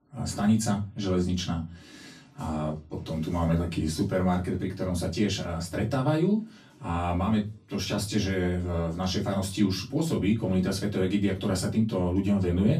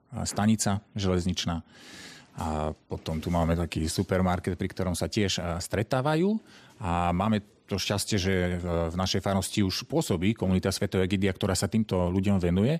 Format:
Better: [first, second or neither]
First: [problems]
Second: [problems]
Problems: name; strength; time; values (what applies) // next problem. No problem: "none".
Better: second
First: off-mic speech; far // room echo; very slight; dies away in 0.3 s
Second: none